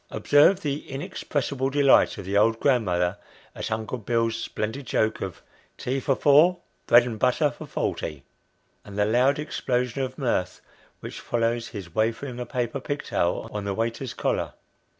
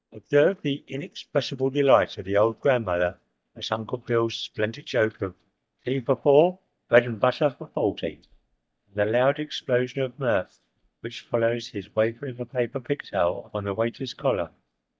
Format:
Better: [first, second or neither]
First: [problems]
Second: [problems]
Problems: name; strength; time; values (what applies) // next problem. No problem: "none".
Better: first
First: none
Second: noise reduction (neural mask model DeepFilterNet 3)